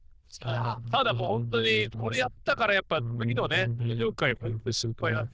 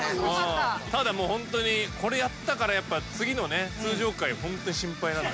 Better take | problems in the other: second | noise reduction (neural diffusion model UNIVERSE++)

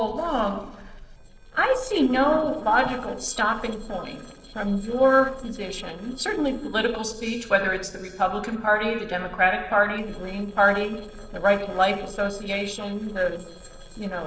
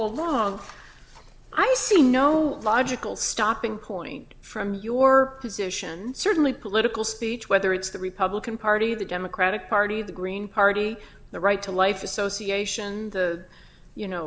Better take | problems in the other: second | noise reduction (neural separator model SepFormer DNS4)

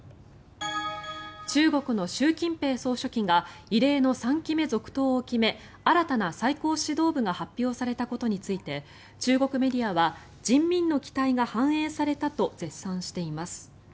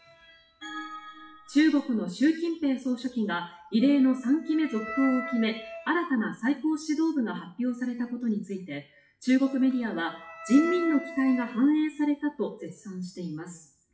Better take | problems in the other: first | noise reduction (classical method WPE with log-MMSE)

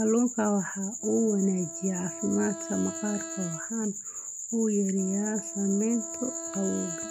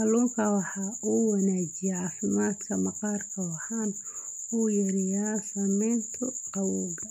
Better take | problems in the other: second | background sound (Wind instrument, woodwind instrument); 15 dB below the speech

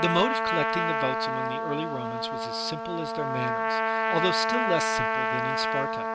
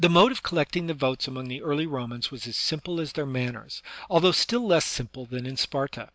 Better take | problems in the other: second | background sound (Trumpet); 4 dB above the speech

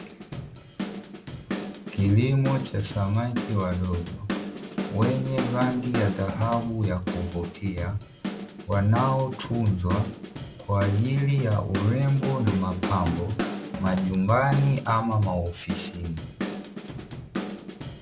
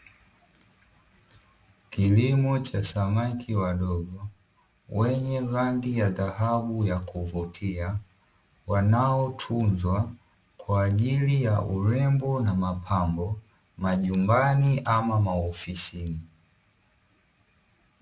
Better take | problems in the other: second | background sound (Drum / Drum kit); 7 dB below the speech

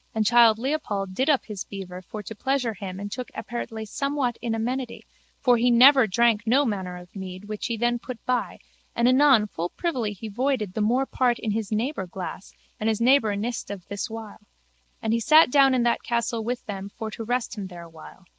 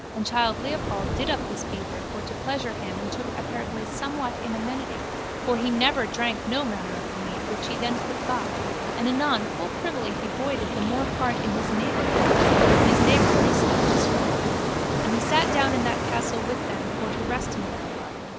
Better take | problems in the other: first | background sound (Ocean); 4 dB above the speech

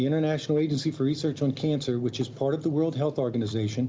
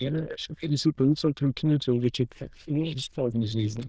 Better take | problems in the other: first | noise reduction (neural diffusion model UNIVERSE++)

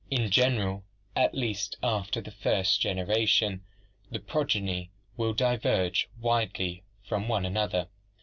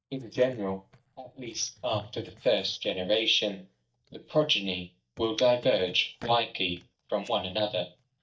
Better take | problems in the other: first | noise reduction (neural mask model DeepFilterNet 3)

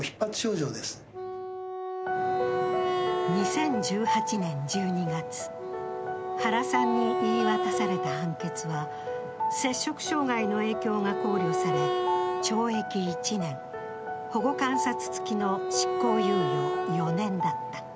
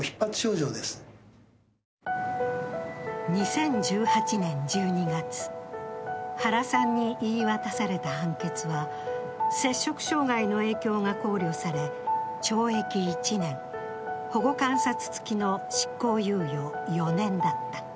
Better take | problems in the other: second | background sound (Wind instrument, woodwind instrument); 3 dB below the speech

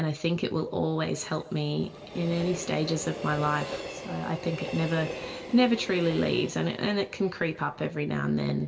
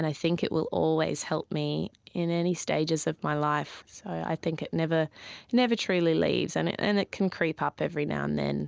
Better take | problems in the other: second | background sound (Train); 12 dB below the speech // room echo; dies away in 0.8 s

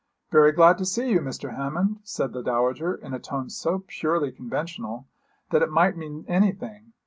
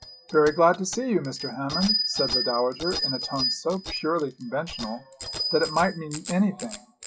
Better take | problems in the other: first | noise reduction (classical method log-MMSE)

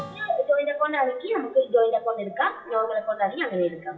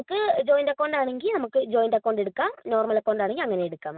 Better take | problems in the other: second | noise reduction (classical method WPE with log-MMSE)

